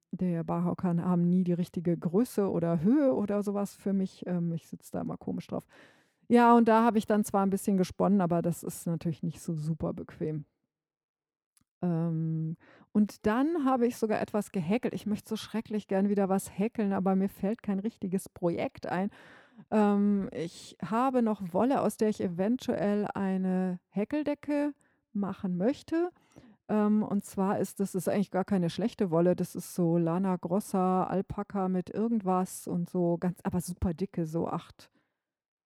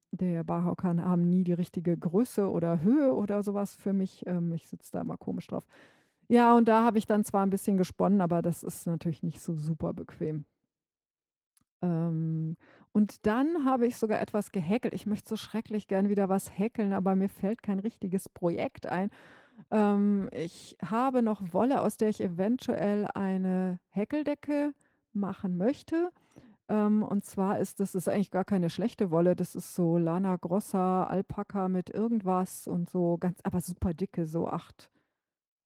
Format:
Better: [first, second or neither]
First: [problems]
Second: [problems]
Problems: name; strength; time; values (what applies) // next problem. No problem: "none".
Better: first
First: none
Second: garbled, watery; slightly